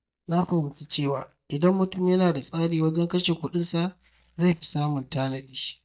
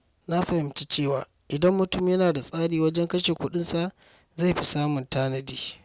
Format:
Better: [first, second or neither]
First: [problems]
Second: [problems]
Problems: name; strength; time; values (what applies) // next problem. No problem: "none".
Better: second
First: noise reduction (neural mask model DeepFilterNet 3)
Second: none